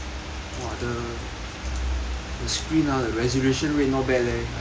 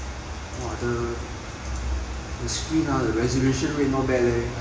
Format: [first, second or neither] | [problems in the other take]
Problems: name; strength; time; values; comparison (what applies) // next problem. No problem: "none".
first | room echo; dies away in 1.2 s